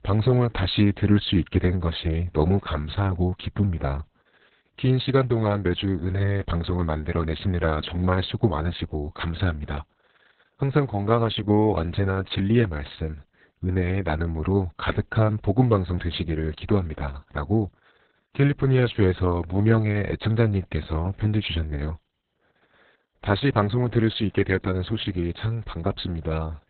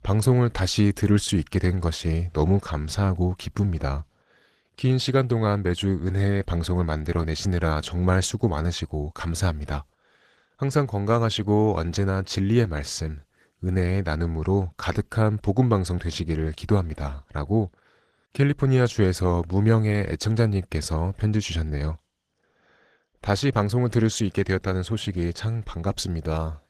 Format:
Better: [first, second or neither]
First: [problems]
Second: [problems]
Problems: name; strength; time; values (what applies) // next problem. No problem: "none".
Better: second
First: garbled, watery; badly; nothing above 4 kHz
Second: garbled, watery; slightly